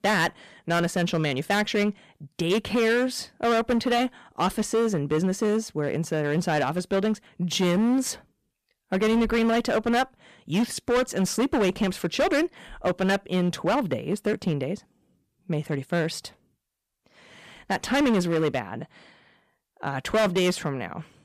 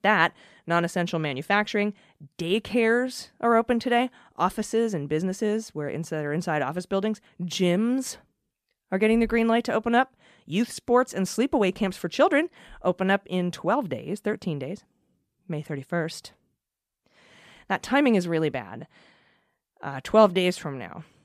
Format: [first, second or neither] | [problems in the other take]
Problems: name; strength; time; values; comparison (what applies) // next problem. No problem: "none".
second | distortion; heavy; 11% of the sound clipped